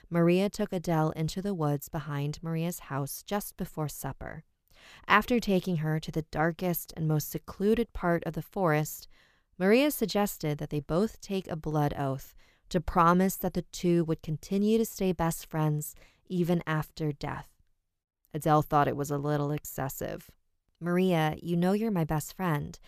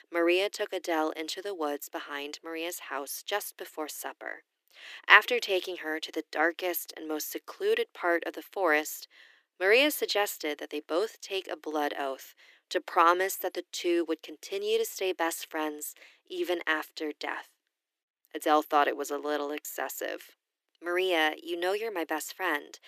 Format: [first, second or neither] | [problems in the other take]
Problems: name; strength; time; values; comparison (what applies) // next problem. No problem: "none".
first | thin; very; fading below 300 Hz